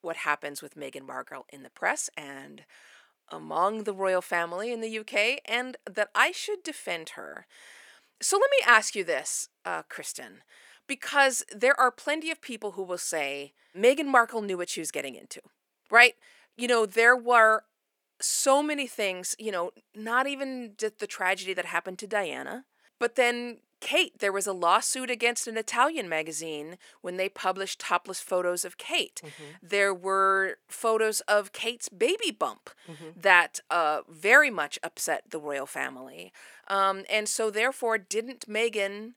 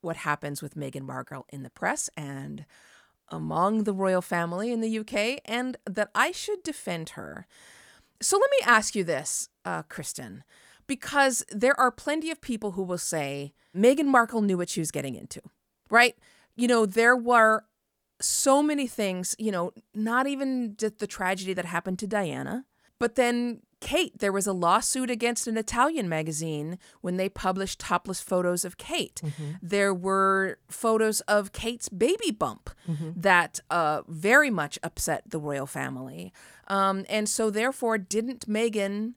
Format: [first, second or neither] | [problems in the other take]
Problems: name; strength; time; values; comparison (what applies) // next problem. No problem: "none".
second | thin; somewhat; fading below 400 Hz